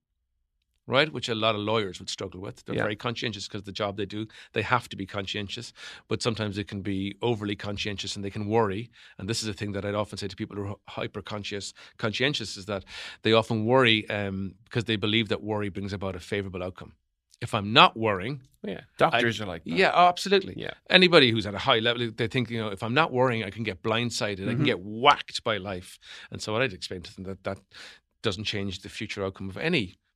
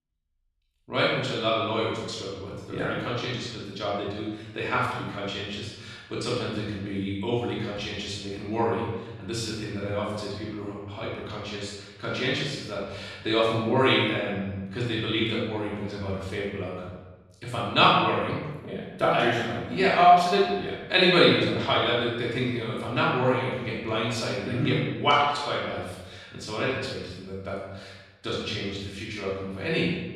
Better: first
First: none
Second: off-mic speech; far // room echo; strong; dies away in 1 s

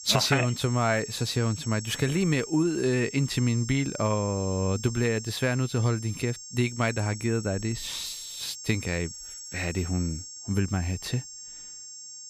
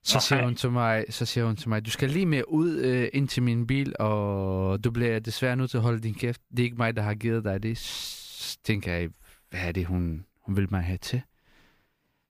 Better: second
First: high-pitched whine; noticeable; throughout; 7.5 kHz, 10 dB below the speech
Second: none

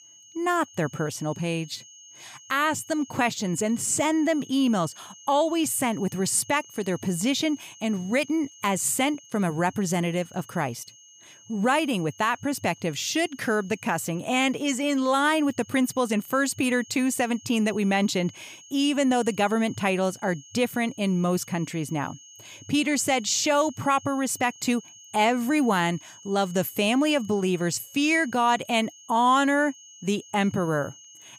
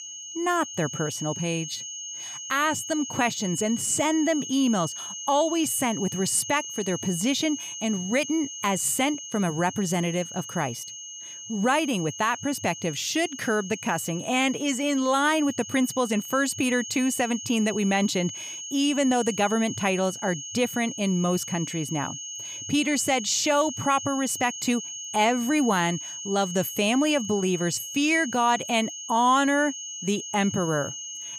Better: first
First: high-pitched whine; faint; throughout; 6.5 kHz, 20 dB below the speech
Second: high-pitched whine; loud; throughout; 6.5 kHz, 9 dB below the speech

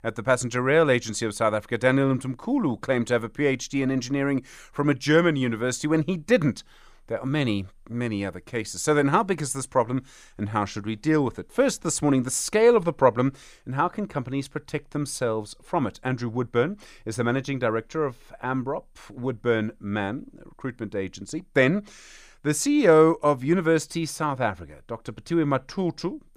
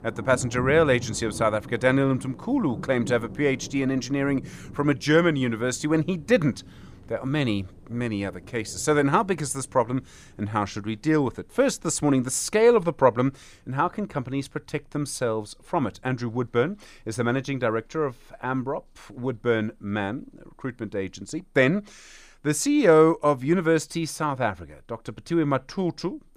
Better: first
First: none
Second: rain or running water; noticeable; throughout; 15 dB below the speech

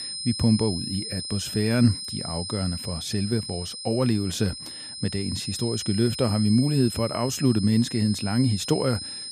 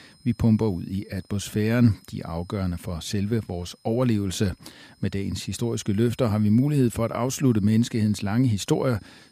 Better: second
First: high-pitched whine; loud; throughout; 5 kHz, 7 dB below the speech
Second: high-pitched whine; faint; throughout; 5 kHz, 35 dB below the speech

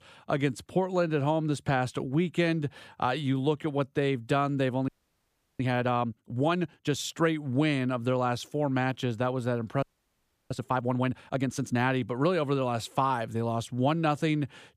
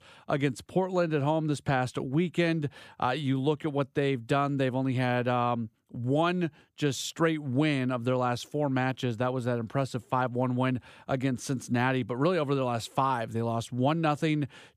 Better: second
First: audio freezing; at 5 s for 0.5 s and at 10 s for 0.5 s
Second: none

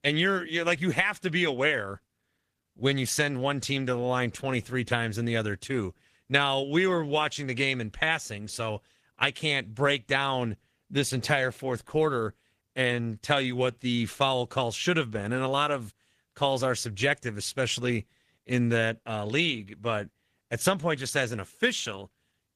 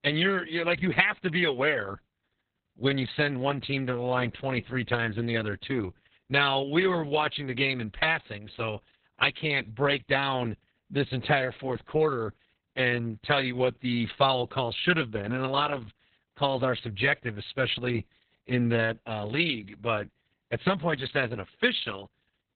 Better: first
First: garbled, watery; slightly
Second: garbled, watery; badly; nothing above 4 kHz

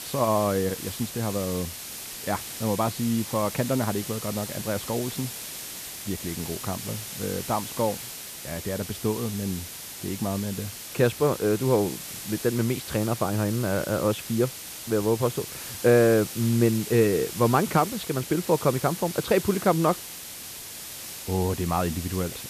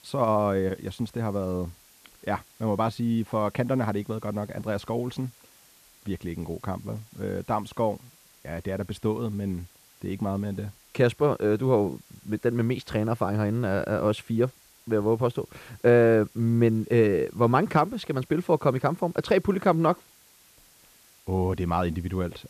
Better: second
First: hiss; loud; throughout; 9 dB below the speech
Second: hiss; faint; throughout; 25 dB below the speech

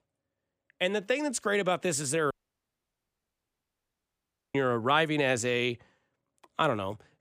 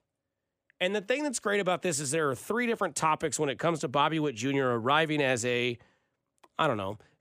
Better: second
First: audio cutting out; at 2.5 s for 2 s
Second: none

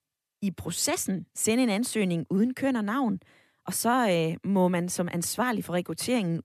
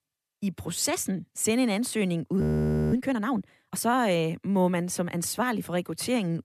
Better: first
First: none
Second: audio freezing; at 2.5 s for 0.5 s

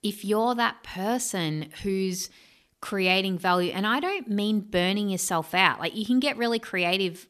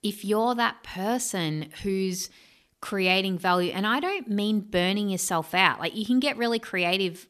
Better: neither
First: none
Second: none

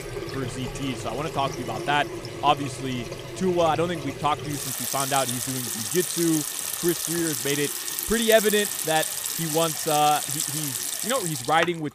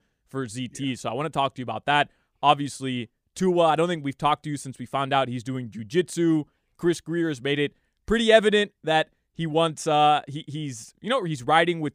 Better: second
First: household noises; loud; throughout; 2 dB below the speech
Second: none

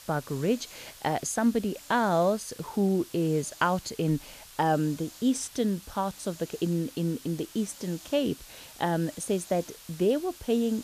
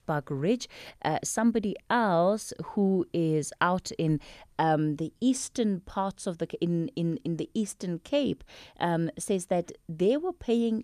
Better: second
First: hiss; noticeable; throughout; 15 dB below the speech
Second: none

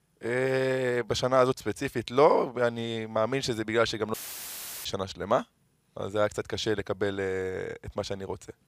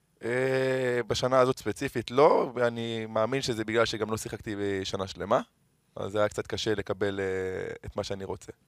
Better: second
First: audio cutting out; filled with static; at 4 s for 0.5 s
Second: none

